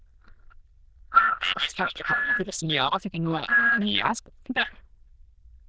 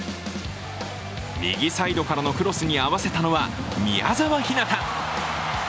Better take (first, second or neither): second